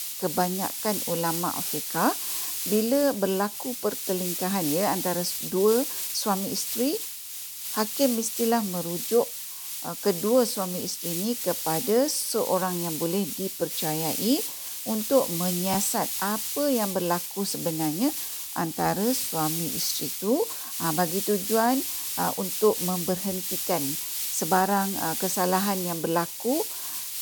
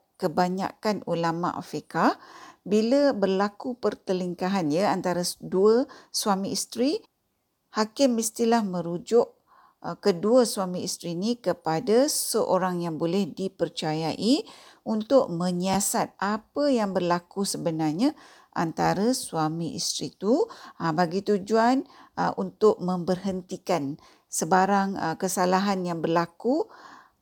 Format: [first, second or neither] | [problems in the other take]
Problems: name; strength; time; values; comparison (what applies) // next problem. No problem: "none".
second | hiss; loud; throughout; 2 dB below the speech